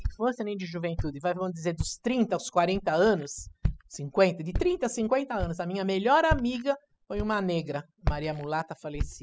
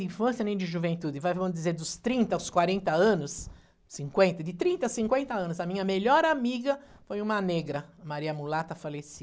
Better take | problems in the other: second | noise reduction (classical method spectral subtraction)

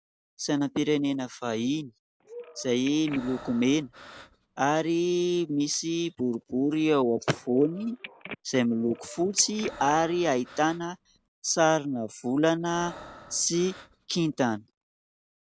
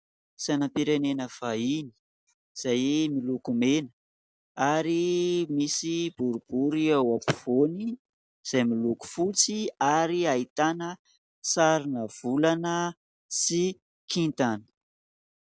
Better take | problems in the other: second | background sound (Breathing + Telephone); 17 dB below the speech

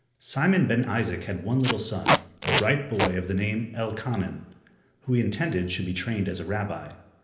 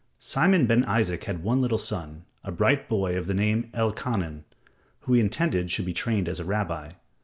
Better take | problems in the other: second | background sound (Packing tape, duct tape); as loud as the speech // room echo; dies away in 0.8 s

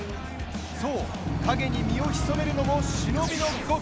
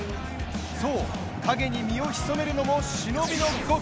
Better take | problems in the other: second | background sound (Engine / Truck / Car); as loud as the speech

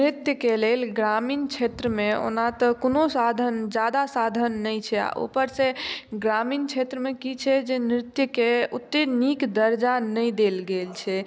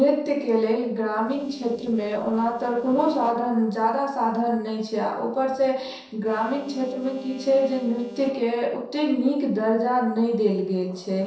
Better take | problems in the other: first | noise reduction (neural separator model SepFormer DNS4)

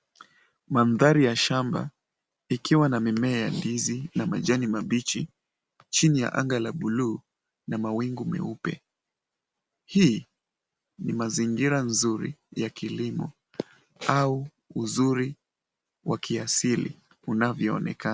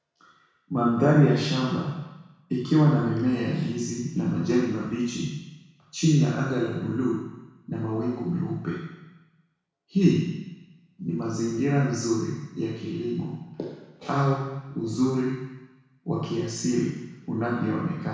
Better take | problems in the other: first | room echo; dies away in 1.1 s

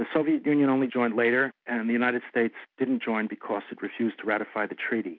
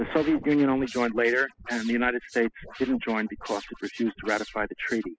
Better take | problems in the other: first | noise reduction (classical method spectral subtraction)

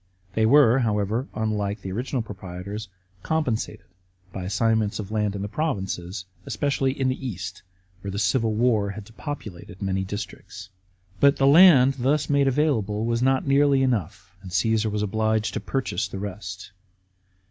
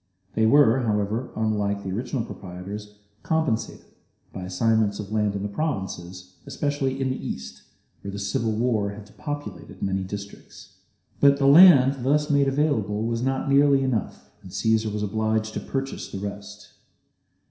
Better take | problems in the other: first | room echo; dies away in 0.7 s

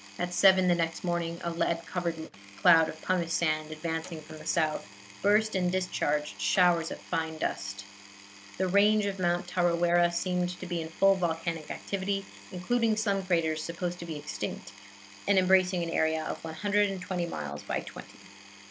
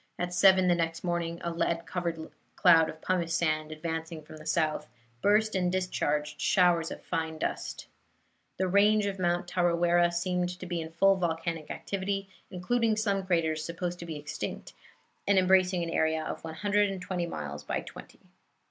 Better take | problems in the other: second | background sound (Power tool + Door); 20 dB below the speech

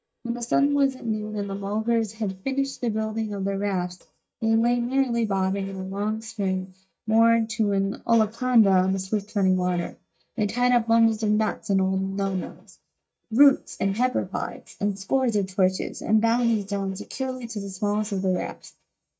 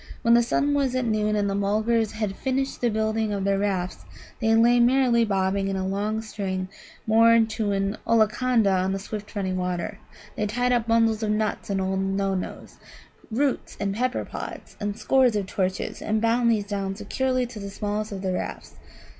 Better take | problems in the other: second | noise reduction (neural mask model DeepFilterNet 3)

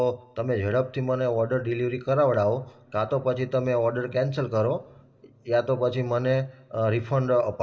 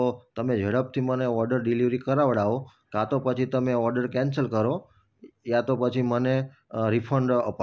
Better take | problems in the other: second | room echo; dies away in 0.9 s

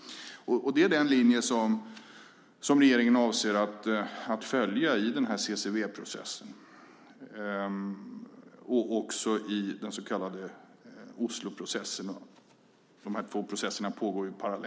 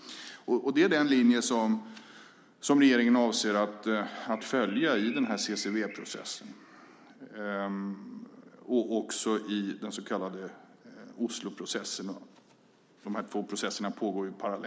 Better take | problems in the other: first | background sound (Bird); 19 dB below the speech

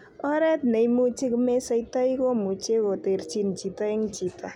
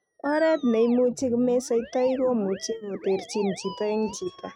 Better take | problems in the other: first | noise reduction (neural mask model RNNoise)

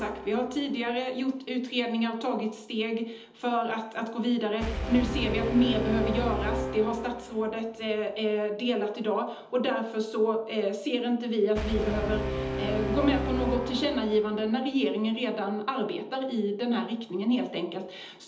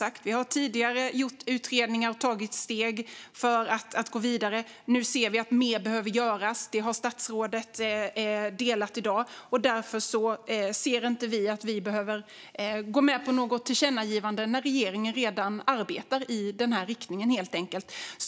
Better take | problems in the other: second | background sound (Brass instrument); 8 dB below the speech // room echo; dies away in 1.2 s

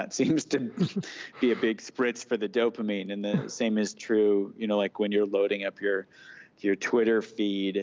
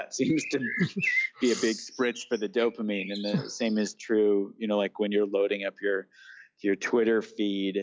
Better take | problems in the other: first | noise reduction (classical method log-MMSE)

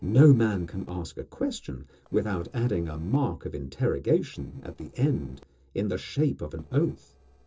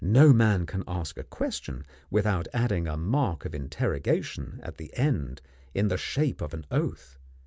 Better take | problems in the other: second | noise reduction (neural separator model SepFormer DNS4)

